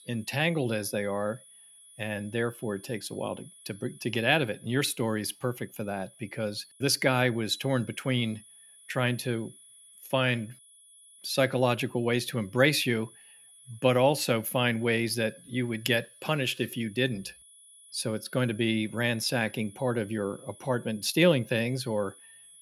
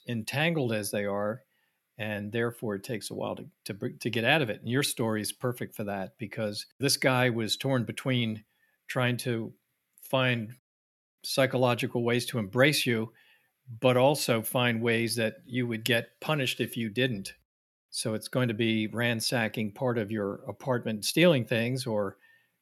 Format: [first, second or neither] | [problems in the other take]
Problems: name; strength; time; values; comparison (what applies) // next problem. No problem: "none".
second | high-pitched whine; faint; throughout; 10 kHz, 25 dB below the speech